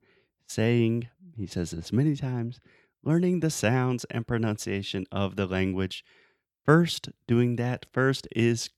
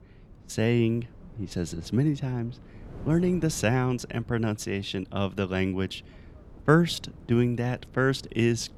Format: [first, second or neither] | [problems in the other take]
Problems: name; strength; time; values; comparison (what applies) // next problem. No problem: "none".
first | wind noise on the microphone; occasional gusts; 25 dB below the speech